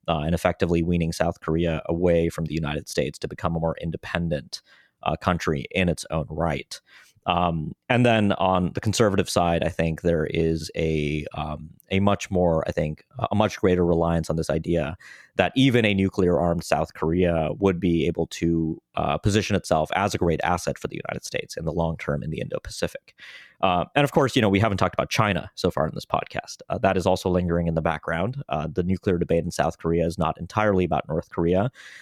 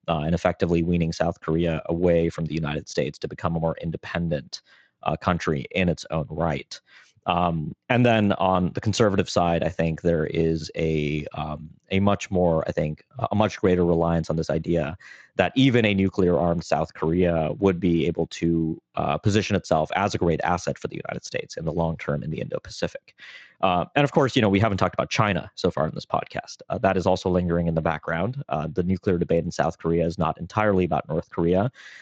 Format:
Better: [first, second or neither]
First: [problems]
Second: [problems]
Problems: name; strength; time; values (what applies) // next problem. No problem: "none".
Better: first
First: none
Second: garbled, watery; slightly